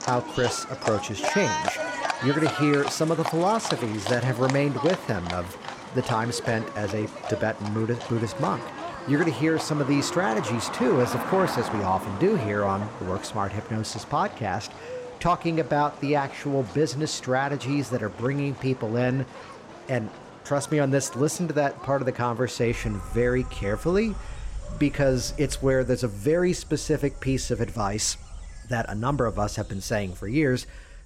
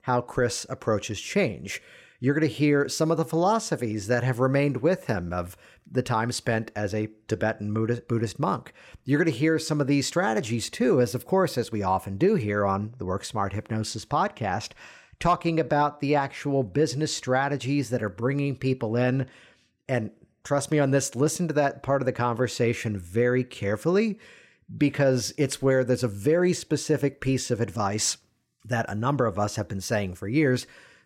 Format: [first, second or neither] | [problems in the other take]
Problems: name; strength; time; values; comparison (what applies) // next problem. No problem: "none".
second | animal sounds; loud; throughout; 9 dB below the speech